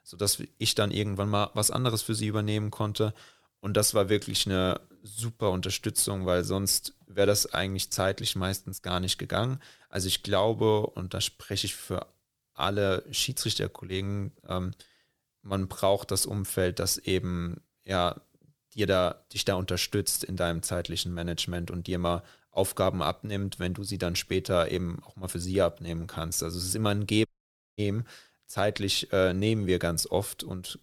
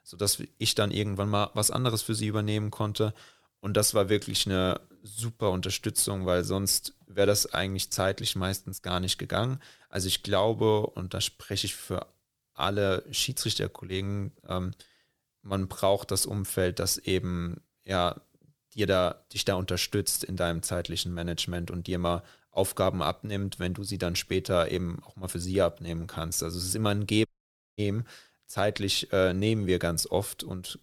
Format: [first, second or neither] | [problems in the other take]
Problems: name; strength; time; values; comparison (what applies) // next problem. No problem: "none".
neither | audio cutting out; at 27 s for 0.5 s; the same in both